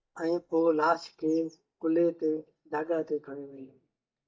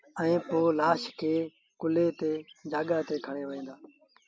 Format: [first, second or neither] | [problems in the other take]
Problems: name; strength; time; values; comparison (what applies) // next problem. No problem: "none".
second | noise reduction (neural mask model DeepFilterNet 3)